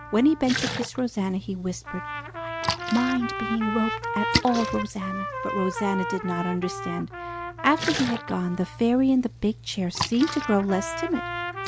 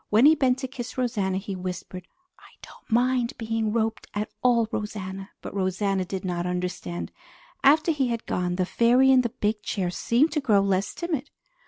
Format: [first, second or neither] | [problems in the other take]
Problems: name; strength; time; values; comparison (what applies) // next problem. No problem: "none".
second | background sound (Trumpet + Splash, splatter); 5 dB below the speech